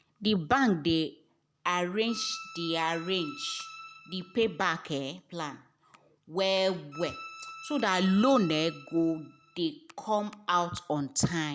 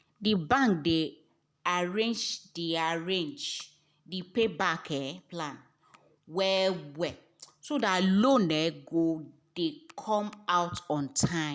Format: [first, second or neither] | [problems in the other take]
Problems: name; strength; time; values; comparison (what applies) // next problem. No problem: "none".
second | background sound (Bowed string instrument); 15 dB below the speech